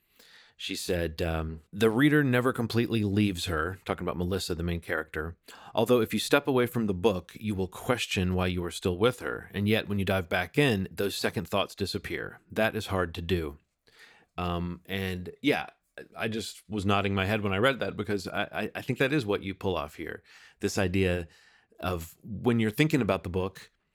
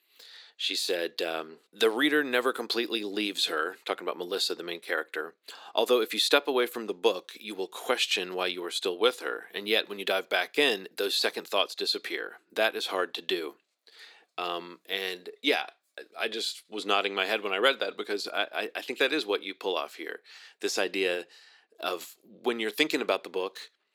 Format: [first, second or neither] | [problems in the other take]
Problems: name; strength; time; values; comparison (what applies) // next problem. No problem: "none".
first | thin; somewhat; fading below 350 Hz